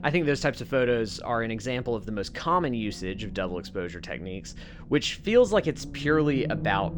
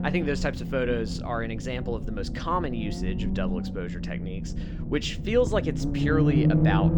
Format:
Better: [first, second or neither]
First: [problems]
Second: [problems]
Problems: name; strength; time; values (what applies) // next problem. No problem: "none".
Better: first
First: low rumble; faint; throughout; 20 dB below the speech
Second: low rumble; loud; throughout; 6 dB below the speech